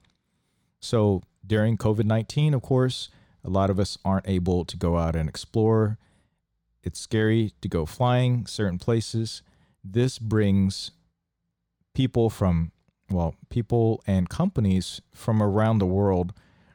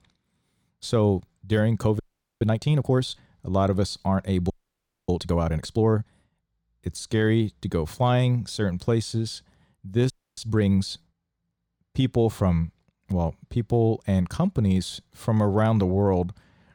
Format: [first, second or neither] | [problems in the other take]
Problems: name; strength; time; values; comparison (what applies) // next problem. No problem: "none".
first | audio freezing; at 2 s, at 4.5 s for 0.5 s and at 10 s